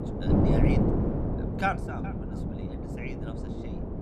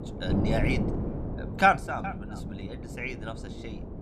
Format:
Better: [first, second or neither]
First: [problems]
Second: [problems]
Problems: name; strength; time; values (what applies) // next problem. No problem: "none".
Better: second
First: wind noise on the microphone; heavy; as loud as the speech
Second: wind noise on the microphone; occasional gusts; 15 dB below the speech